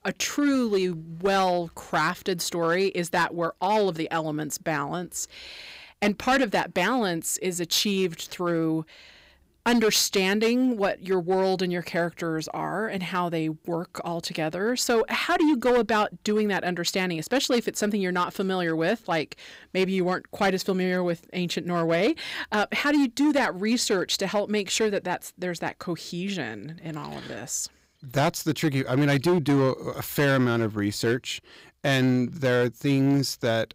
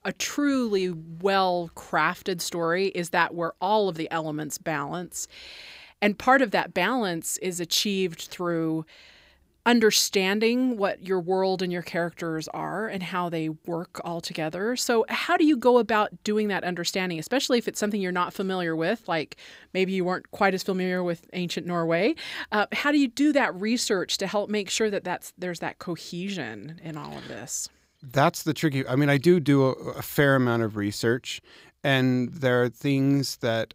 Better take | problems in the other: second | distortion; slight; 6% of the sound clipped

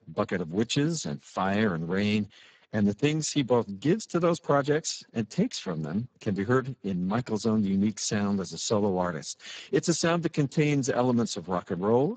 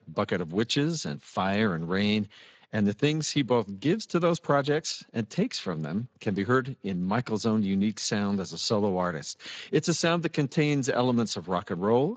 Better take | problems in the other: second | garbled, watery; badly; nothing above 7.5 kHz; slightly in the second

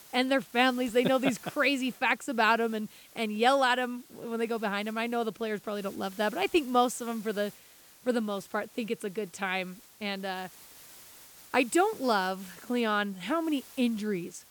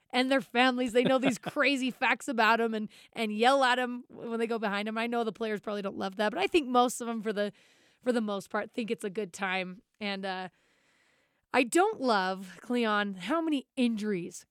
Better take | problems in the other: second | hiss; faint; throughout; 20 dB below the speech

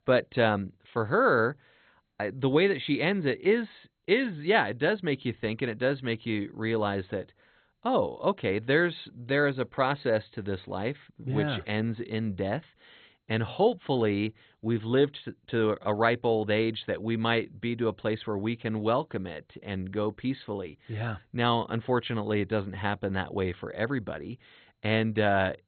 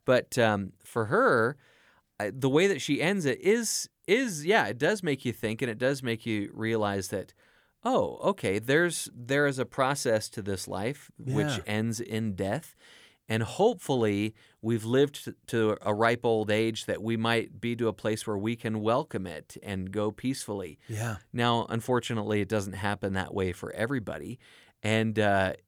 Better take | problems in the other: second | garbled, watery; badly; nothing above 4 kHz

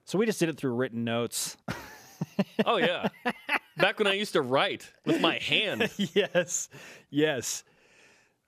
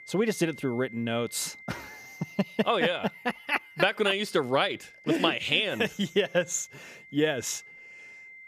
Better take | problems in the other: first | high-pitched whine; noticeable; throughout; 2 kHz, 20 dB below the speech

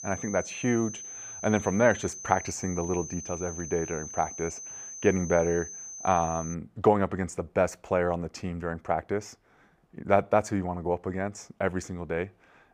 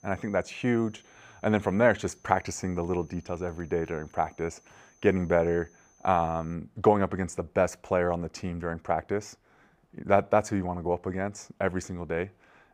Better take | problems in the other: second | high-pitched whine; loud; until 6.5 s; 6 kHz, 9 dB below the speech; faint in the second

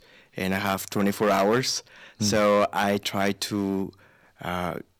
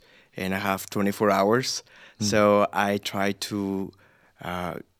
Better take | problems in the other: second | distortion; slight; 4% of the sound clipped

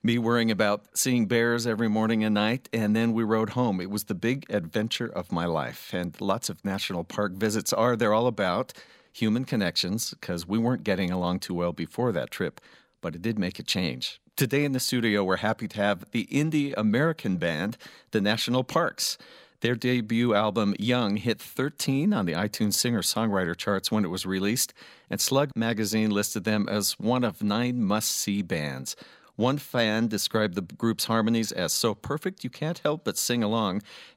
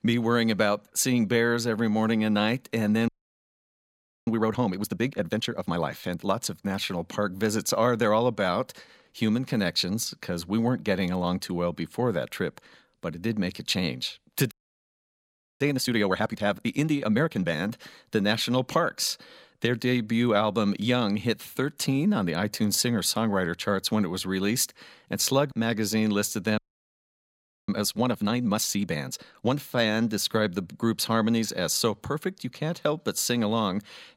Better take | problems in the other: first | audio freezing; at 3 s for 1 s, at 15 s for 1 s and at 27 s for 1 s

